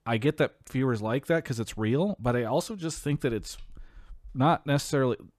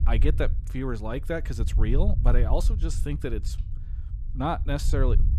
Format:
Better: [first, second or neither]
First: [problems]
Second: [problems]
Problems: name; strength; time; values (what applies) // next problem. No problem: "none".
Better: first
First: none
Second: low rumble; noticeable; throughout; 15 dB below the speech